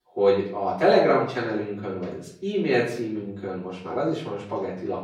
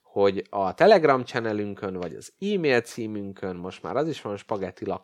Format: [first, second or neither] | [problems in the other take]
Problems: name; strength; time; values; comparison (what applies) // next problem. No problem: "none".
second | off-mic speech; far // room echo; noticeable; dies away in 0.6 s